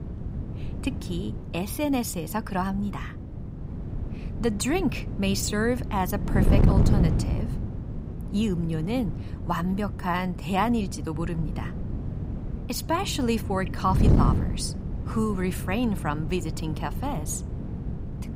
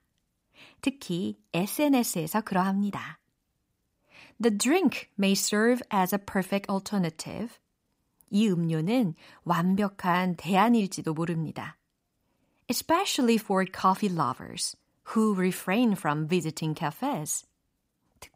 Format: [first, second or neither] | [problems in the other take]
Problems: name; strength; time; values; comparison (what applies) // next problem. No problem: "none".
second | wind noise on the microphone; heavy; 9 dB below the speech